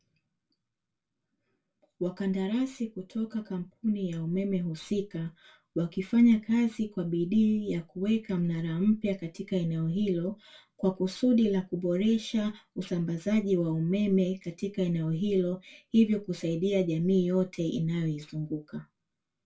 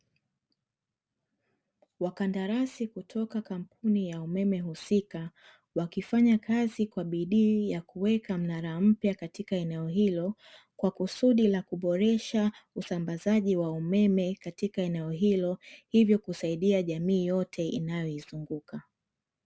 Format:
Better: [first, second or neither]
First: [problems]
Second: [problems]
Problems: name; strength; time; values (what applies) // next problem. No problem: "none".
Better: second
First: room echo; dies away in 0.2 s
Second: none